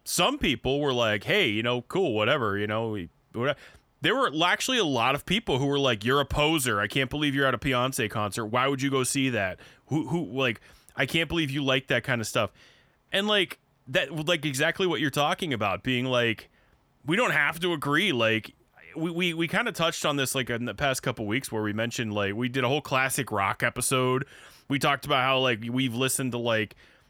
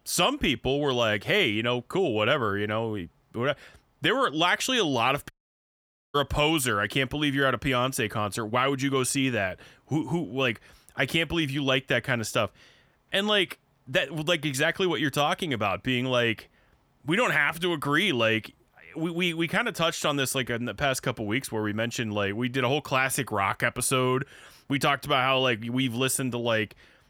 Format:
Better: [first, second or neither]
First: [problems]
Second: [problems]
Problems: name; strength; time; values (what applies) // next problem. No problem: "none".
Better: first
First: none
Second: audio cutting out; at 5.5 s for 1 s